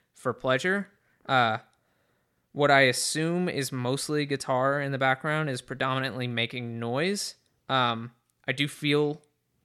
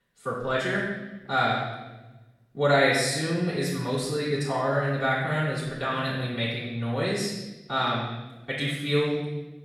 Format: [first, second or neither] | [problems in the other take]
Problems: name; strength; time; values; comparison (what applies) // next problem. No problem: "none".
first | off-mic speech; far // room echo; noticeable; dies away in 1 s